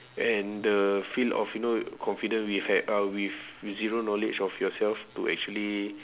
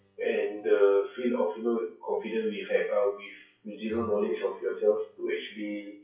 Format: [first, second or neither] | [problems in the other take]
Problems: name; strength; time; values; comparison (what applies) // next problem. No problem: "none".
first | noise reduction (classical method WPE with log-MMSE)